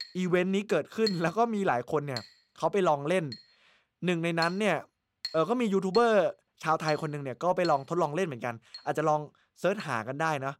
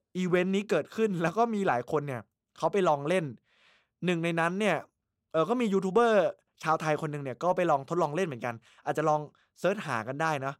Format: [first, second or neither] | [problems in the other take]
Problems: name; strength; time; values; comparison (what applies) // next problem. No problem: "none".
second | clattering dishes; noticeable; until 10 s; peak 7 dB below the speech